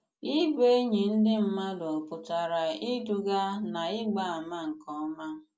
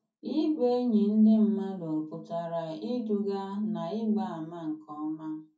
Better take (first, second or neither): first